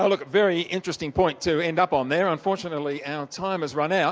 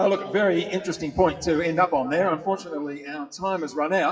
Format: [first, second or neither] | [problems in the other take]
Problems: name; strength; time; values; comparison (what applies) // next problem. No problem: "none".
first | noise reduction (classical method WPE with log-MMSE)